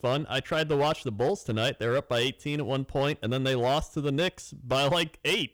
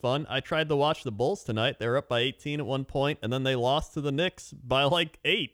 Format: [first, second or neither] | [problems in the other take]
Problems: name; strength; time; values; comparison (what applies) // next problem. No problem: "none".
second | distortion; slight; 6% of the sound clipped